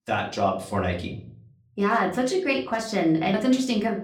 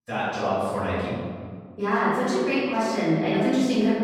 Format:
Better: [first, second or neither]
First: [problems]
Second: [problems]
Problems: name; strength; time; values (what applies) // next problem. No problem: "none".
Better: first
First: room echo; slight; dies away in 0.4 s // off-mic speech; far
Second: room echo; strong; dies away in 1.7 s // off-mic speech; far